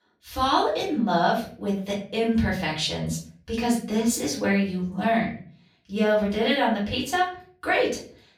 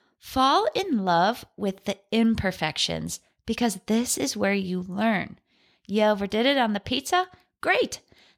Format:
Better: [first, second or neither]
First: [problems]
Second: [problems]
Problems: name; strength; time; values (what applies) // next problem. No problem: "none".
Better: second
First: off-mic speech; far // room echo; slight; dies away in 0.4 s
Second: none